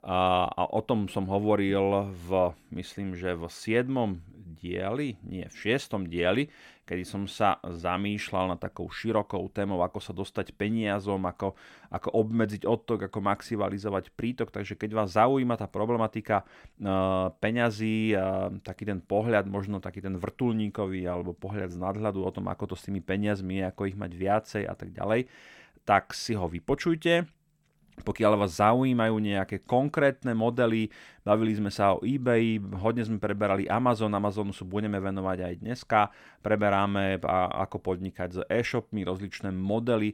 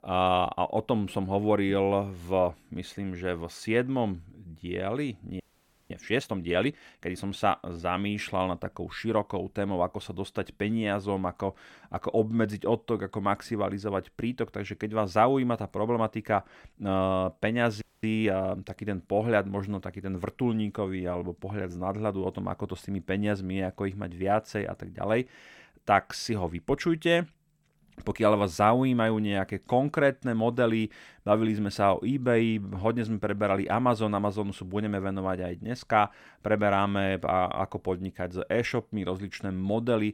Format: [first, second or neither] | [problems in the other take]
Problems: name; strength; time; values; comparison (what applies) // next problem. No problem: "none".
first | audio freezing; at 5.5 s for 0.5 s and at 18 s